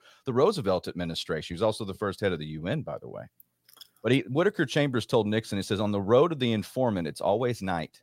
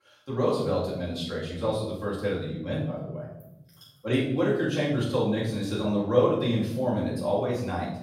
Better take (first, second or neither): first